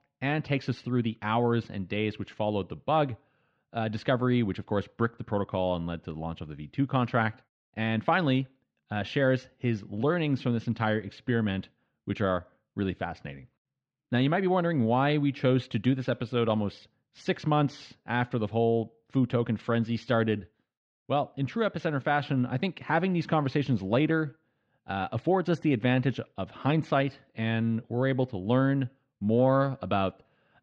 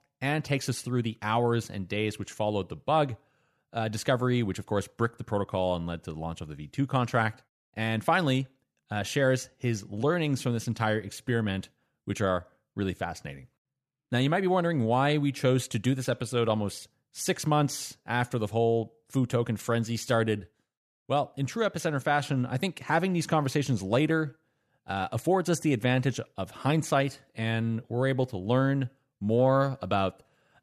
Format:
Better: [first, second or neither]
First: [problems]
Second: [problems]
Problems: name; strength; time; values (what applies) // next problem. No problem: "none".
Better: second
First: muffled; slightly; fading above 4 kHz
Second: none